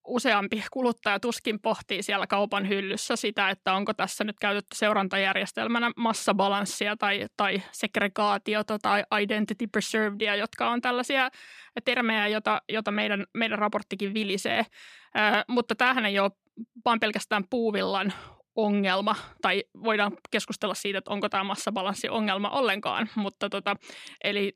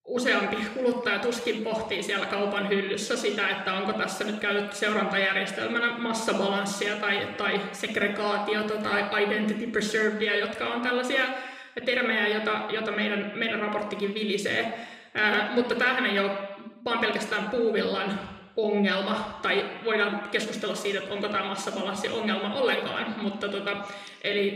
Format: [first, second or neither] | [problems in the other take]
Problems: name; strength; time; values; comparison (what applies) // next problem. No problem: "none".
first | room echo; slight; dies away in 0.9 s